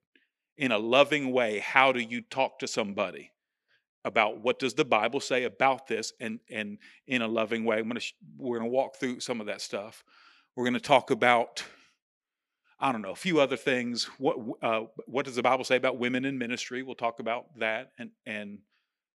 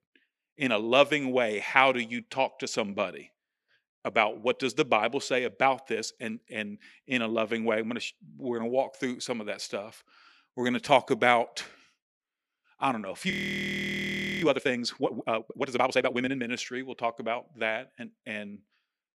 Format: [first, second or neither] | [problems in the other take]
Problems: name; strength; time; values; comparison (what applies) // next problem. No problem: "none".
first | audio freezing; at 13 s for 1 s